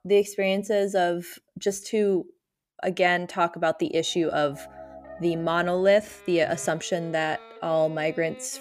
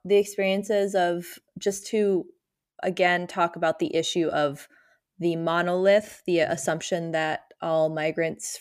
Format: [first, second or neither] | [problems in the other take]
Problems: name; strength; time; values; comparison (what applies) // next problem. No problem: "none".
second | background music; faint; from 4.5 s on; 20 dB below the speech